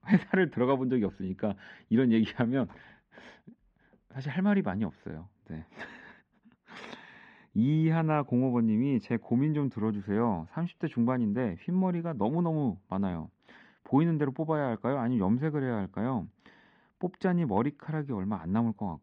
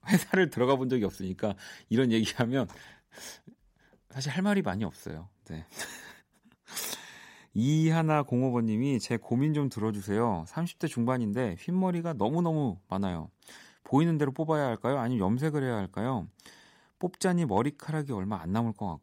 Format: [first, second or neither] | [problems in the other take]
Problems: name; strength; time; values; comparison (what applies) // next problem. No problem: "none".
second | muffled; very; fading above 3 kHz